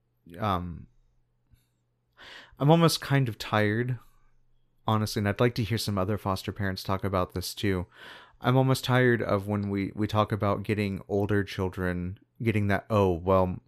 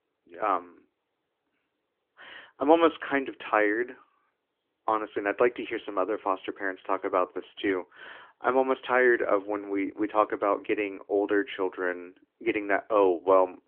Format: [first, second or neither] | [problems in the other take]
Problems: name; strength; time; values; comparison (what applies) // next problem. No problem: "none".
first | phone-call audio; nothing above 3.5 kHz